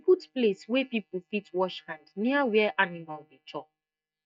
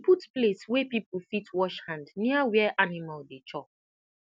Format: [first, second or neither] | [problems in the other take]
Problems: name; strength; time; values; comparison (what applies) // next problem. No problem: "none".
second | noise reduction (neural mask model DeepFilterNet 3)